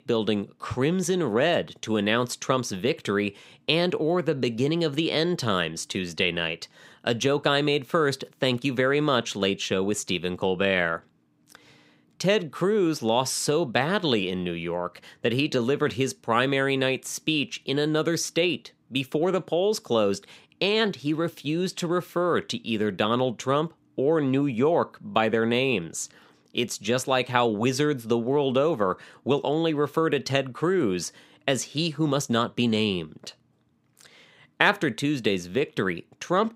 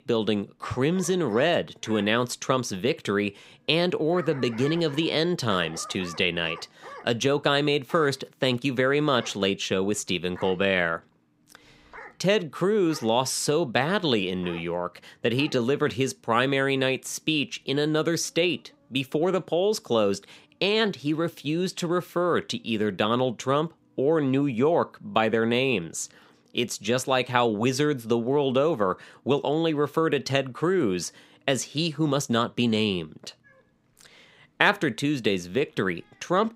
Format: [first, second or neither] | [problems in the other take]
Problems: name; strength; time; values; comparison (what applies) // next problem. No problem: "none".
first | animal sounds; noticeable; throughout; 20 dB below the speech